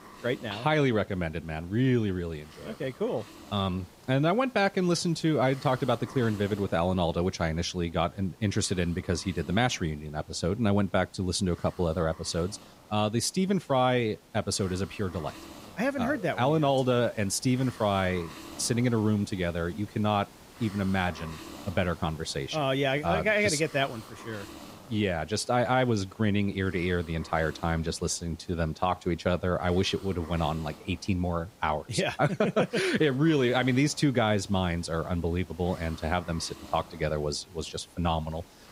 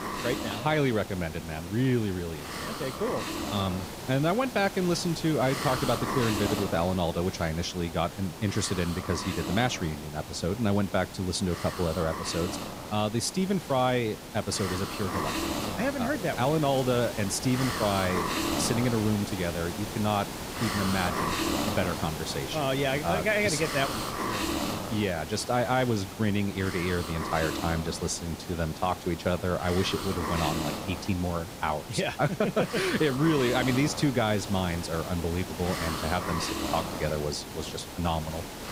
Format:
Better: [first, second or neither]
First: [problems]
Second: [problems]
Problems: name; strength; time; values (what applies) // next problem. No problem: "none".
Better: first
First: hiss; faint; throughout; 20 dB below the speech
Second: hiss; loud; throughout; 5 dB below the speech